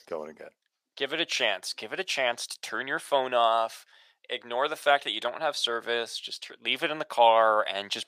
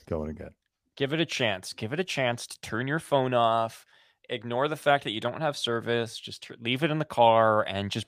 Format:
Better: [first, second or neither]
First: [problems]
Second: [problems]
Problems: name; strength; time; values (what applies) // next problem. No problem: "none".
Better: second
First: thin; very; fading below 500 Hz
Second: none